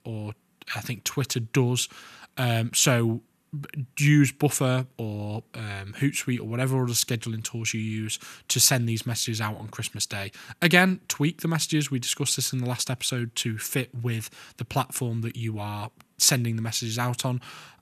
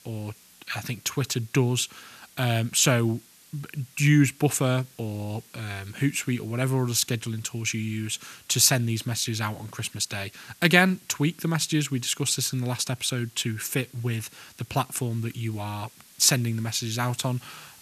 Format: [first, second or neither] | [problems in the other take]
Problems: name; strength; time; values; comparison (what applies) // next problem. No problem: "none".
first | hiss; faint; throughout; 25 dB below the speech